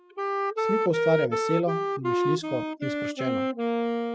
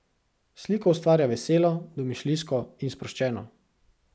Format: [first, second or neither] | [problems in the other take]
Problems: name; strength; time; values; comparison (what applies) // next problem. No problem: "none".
second | noise reduction (classical method spectral subtraction)